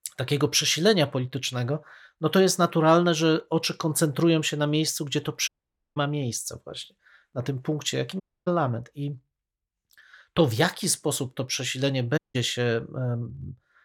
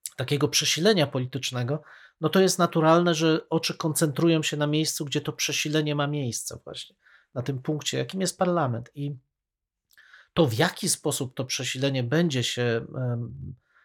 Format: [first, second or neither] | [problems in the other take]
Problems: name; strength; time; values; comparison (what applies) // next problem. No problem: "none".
second | audio cutting out; at 5.5 s, at 8 s and at 12 s